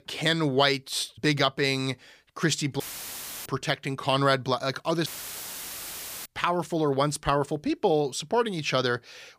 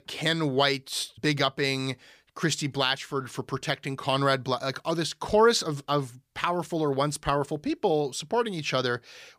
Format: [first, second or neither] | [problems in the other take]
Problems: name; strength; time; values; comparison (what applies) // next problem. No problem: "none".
second | audio cutting out; filled with static; at 3 s for 0.5 s and at 5 s for 1 s